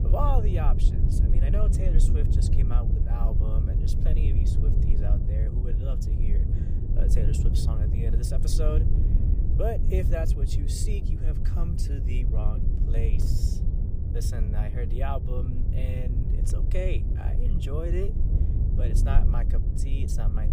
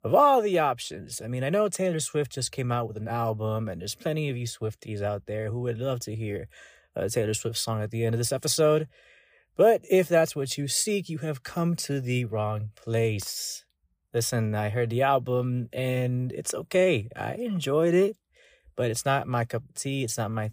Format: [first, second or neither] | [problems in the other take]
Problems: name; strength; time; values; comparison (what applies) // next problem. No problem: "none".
second | low rumble; loud; throughout; 3 dB below the speech